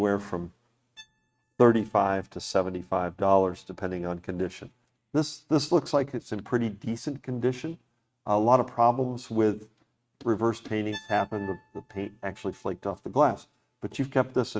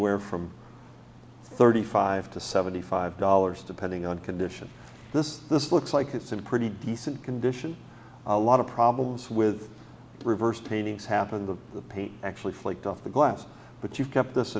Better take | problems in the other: second | noise reduction (neural mask model RNNoise)

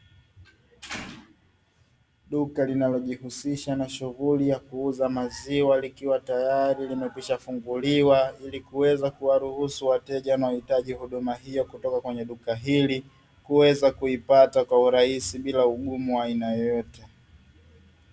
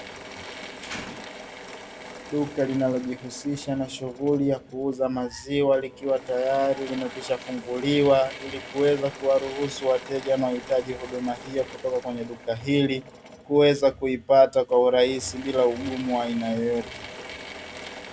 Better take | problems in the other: first | background sound (Drill / Mechanisms); 16 dB below the speech

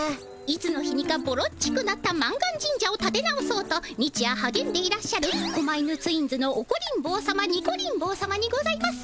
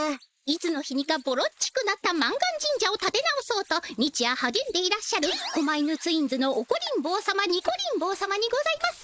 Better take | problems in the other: first | noise reduction (neural mask model Resemble Enhance denoiser)

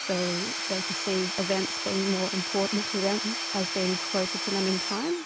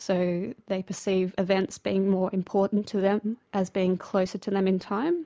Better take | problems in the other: second | background sound (Tools / Domestic sounds, home sounds); 2 dB below the speech

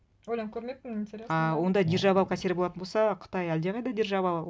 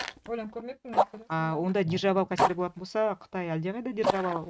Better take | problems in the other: first | noise reduction (neural mask model RNNoise)

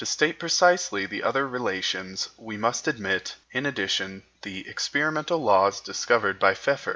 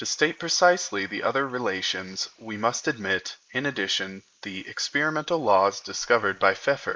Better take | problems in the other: first | noise reduction (neural mask model Resemble Enhance denoiser)

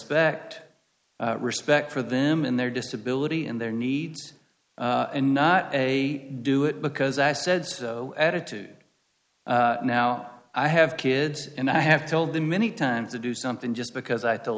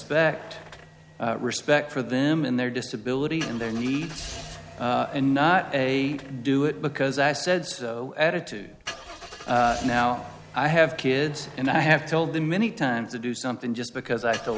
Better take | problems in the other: first | background sound (Engine starting / Car); 18 dB below the speech

